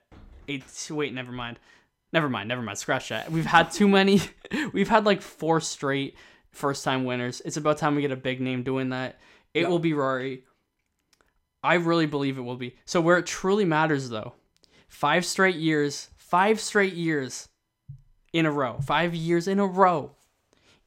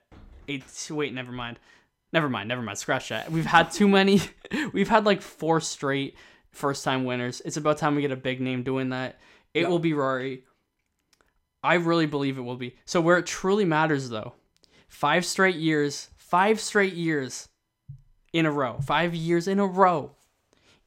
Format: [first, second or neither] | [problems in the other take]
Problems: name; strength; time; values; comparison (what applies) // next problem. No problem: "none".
neither | none